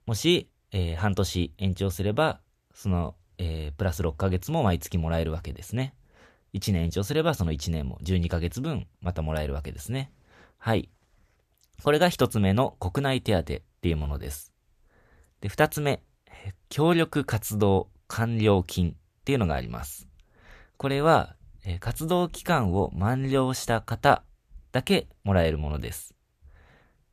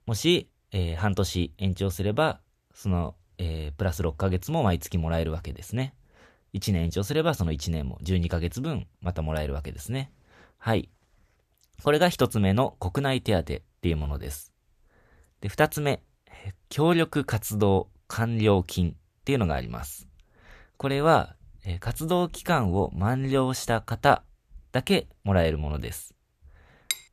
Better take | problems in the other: first | clattering dishes; very faint; at 27 s; peak 5 dB below the speech

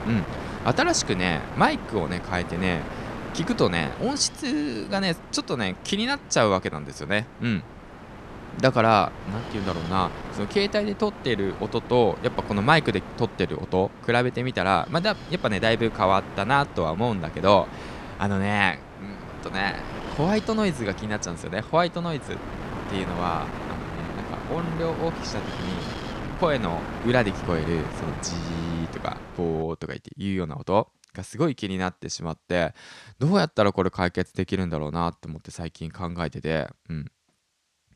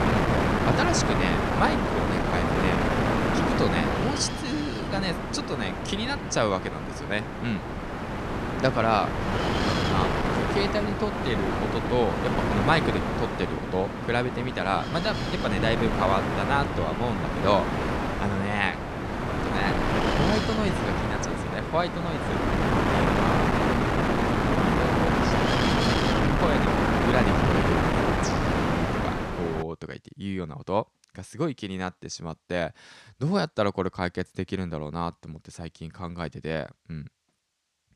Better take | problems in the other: first | wind noise on the microphone; heavy; until 30 s; 2 dB above the speech; occasional gusts in the first

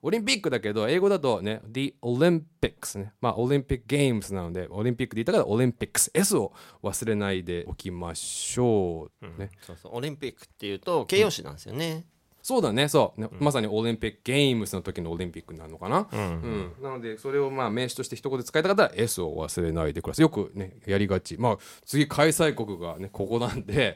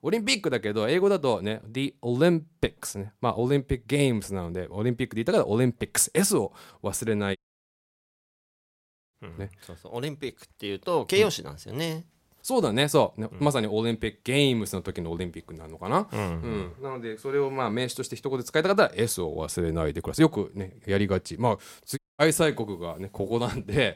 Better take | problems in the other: first | audio cutting out; at 7.5 s for 2 s and at 22 s

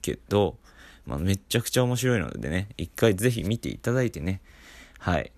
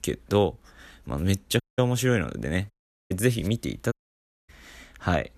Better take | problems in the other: first | audio cutting out; at 1.5 s, at 2.5 s and at 4 s for 0.5 s

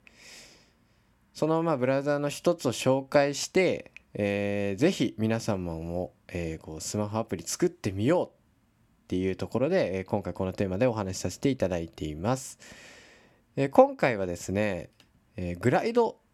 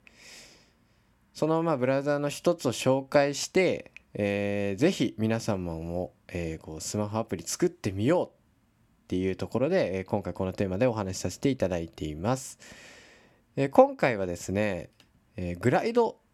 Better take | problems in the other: neither | none

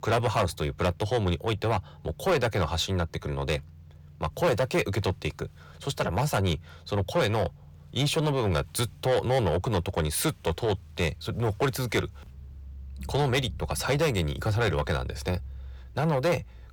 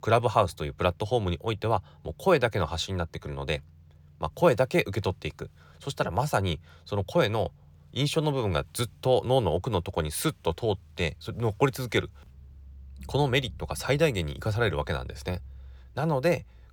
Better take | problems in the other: second | distortion; heavy; 8 dB below the speech

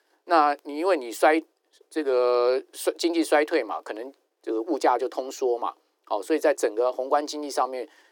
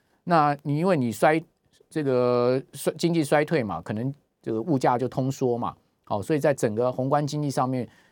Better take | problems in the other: second | thin; very; fading below 300 Hz

